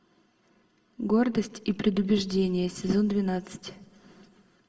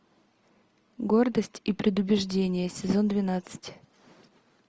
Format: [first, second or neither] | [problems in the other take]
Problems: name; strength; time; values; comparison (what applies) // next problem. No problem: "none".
second | room echo; dies away in 1.3 s